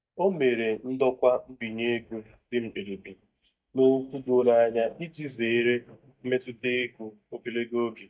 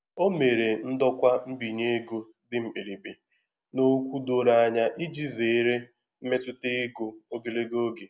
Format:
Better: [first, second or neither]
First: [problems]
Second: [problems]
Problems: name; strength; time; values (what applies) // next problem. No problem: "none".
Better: second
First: noise reduction (neural mask model DeepFilterNet 3)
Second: none